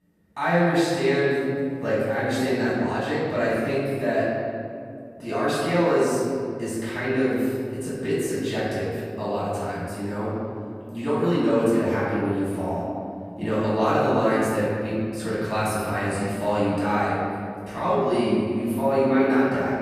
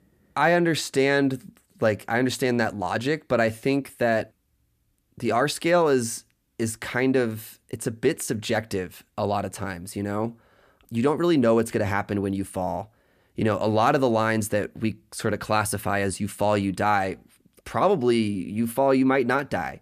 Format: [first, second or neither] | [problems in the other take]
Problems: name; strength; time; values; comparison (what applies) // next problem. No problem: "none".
second | off-mic speech; far // room echo; strong; dies away in 2.2 s